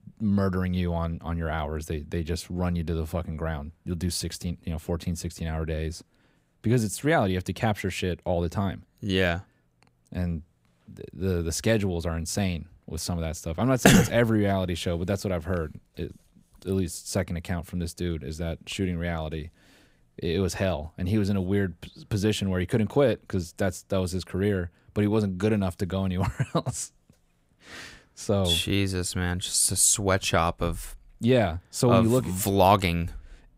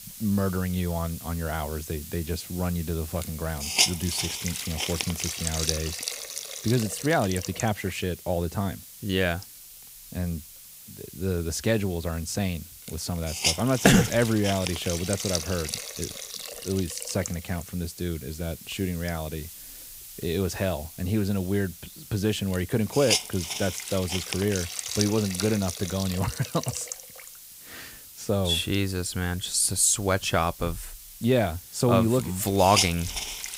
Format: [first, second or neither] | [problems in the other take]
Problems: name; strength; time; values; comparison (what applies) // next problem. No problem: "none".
first | hiss; loud; throughout; 5 dB below the speech